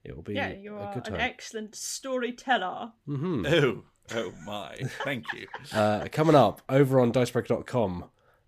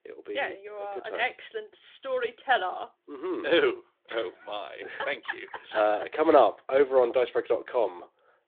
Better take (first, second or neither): first